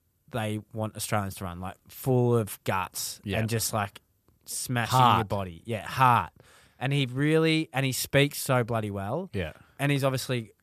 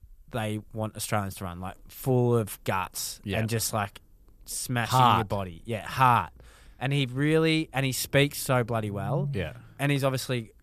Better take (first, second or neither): first